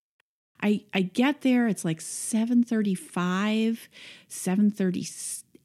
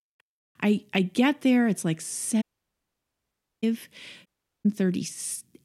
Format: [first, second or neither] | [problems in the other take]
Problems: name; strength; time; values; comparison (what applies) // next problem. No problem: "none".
first | audio cutting out; at 2.5 s for 1 s and at 4.5 s